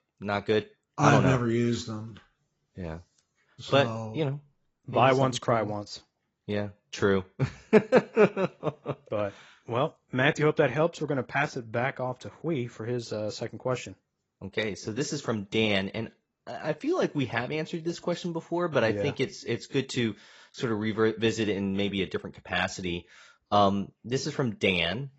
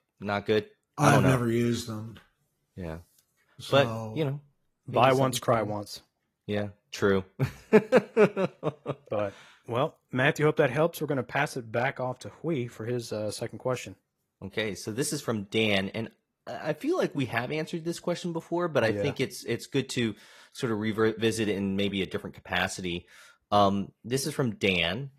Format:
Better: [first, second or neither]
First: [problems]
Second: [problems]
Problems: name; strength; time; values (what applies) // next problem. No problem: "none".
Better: second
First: garbled, watery; badly; nothing above 7.5 kHz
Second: garbled, watery; slightly